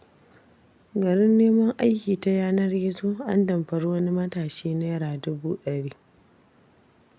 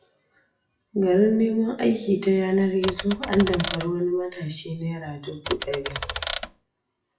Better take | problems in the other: first | noise reduction (classical method WPE with log-MMSE)

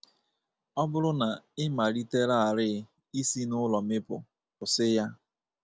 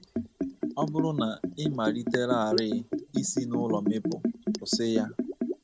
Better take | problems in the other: first | background sound (Liquid); as loud as the speech

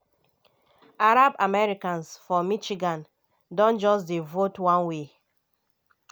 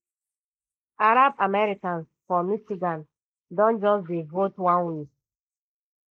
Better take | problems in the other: first | noise reduction (neural mask model Resemble Enhance denoiser)

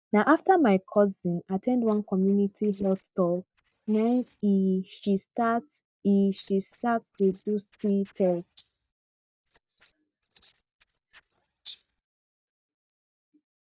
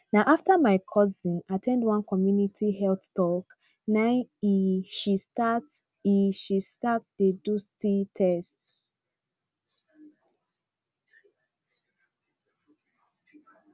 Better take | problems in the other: second | noise reduction (neural mask model DeepFilterNet 3)

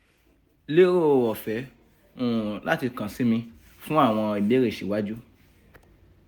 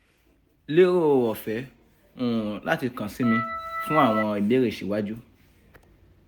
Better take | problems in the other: first | background sound (Organ); 4 dB below the speech

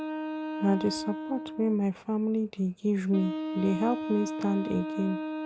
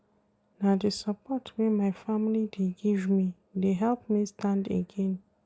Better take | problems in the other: second | background sound (Wind instrument, woodwind instrument); 6 dB below the speech

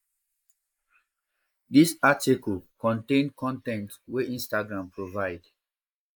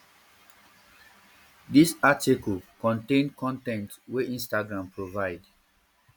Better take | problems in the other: second | noise reduction (neural mask model Resemble Enhance denoiser)

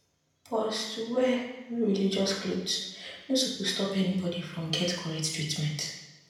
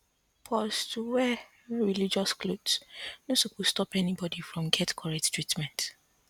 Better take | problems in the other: second | room echo; dies away in 0.9 s

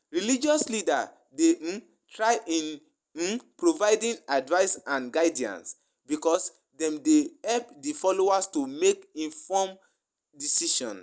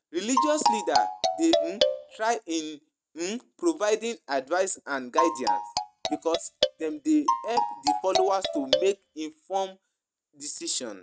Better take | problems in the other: first | noise reduction (neural mask model RNNoise)

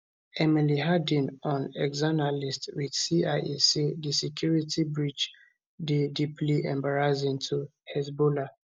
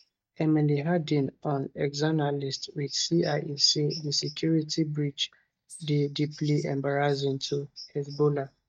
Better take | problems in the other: first | noise reduction (neural mask model DeepFilterNet 3)

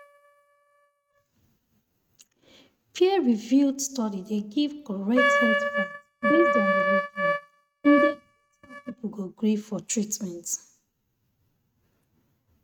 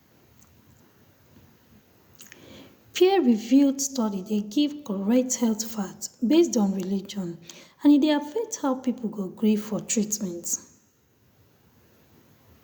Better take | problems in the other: second | noise reduction (neural mask model RNNoise)

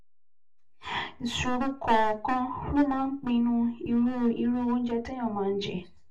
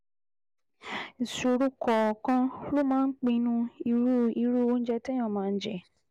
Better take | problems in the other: second | room echo; dies away in 0.2 s

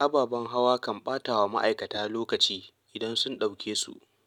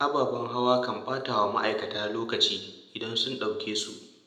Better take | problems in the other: first | room echo; dies away in 0.8 s

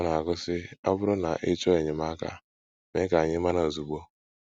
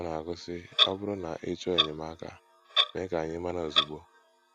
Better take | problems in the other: first | background sound (Clock); 3 dB above the speech

